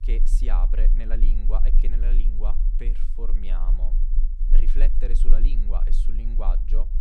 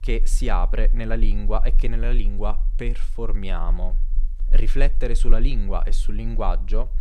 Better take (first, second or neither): second